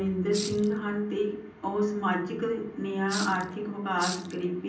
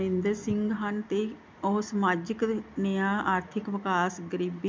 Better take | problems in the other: second | background sound (Rattle (instrument)); 10 dB below the speech // room echo; dies away in 0.6 s

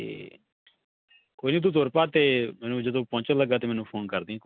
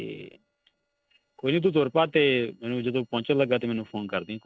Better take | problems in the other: first | noise reduction (neural separator model SepFormer DNS4)

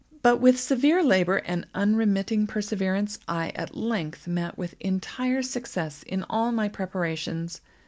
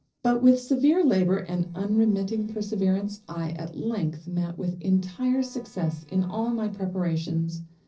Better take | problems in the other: first | noise reduction (neural separator model SepFormer DNS4)

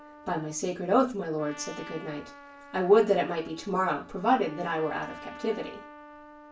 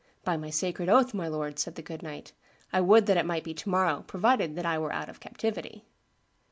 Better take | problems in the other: second | background sound (Trumpet); 18 dB below the speech // room echo; dies away in 0.3 s

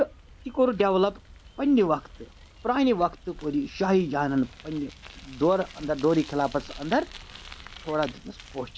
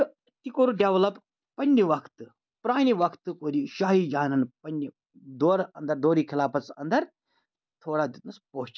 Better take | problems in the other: second | background sound (Bicycle); 19 dB below the speech

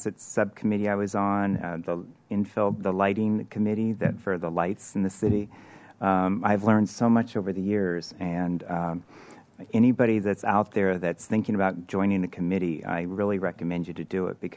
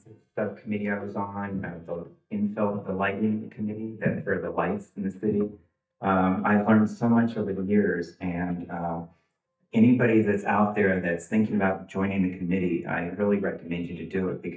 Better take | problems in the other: first | noise reduction (neural mask model DeepFilterNet 3)

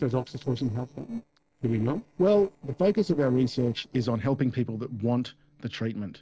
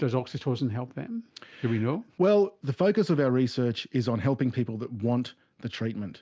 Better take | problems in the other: second | noise reduction (neural separator model SepFormer DNS4)

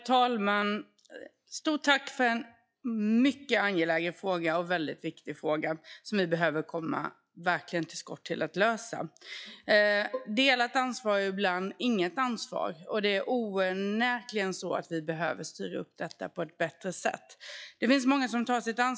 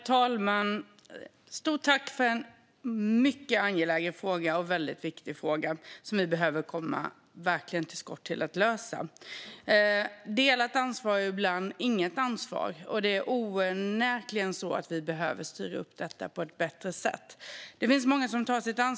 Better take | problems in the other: second | noise reduction (classical method log-MMSE)

